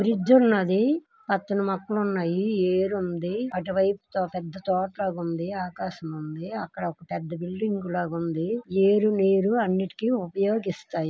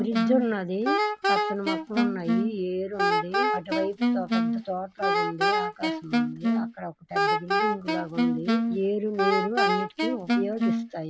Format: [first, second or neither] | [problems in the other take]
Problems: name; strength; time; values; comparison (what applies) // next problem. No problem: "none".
first | background sound (Wind instrument, woodwind instrument); 4 dB above the speech